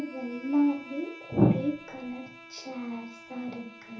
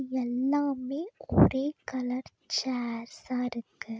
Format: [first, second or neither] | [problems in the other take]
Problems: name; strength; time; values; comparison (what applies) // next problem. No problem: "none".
second | background sound (Bowed string instrument); 18 dB below the speech // room echo; dies away in 1.2 s